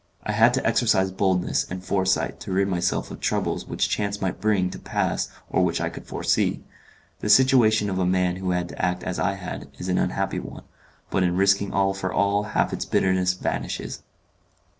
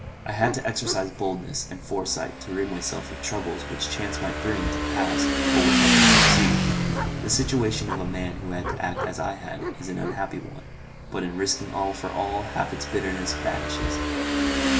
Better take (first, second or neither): first